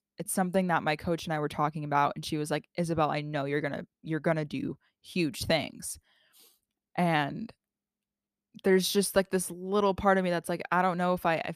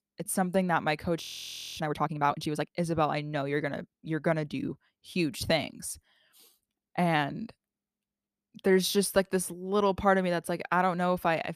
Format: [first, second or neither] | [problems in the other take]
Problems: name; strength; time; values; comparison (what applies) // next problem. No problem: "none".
first | audio freezing; at 1 s for 0.5 s